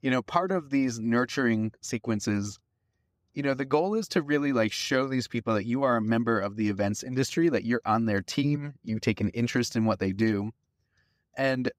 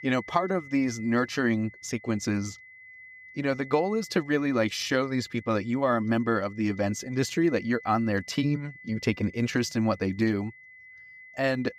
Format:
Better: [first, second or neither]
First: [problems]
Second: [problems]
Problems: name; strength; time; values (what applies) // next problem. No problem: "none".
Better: first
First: none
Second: high-pitched whine; noticeable; throughout; 2 kHz, 20 dB below the speech